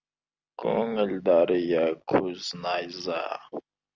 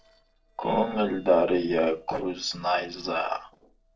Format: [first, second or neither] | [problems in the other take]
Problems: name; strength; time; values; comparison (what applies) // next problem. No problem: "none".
first | noise reduction (neural separator model SepFormer DNS4)